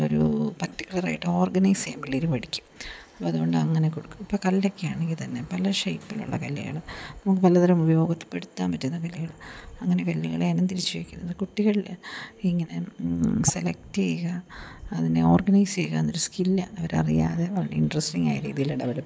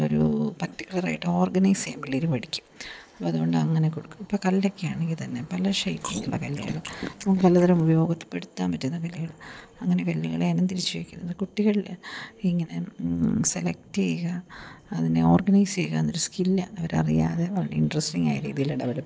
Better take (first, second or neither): first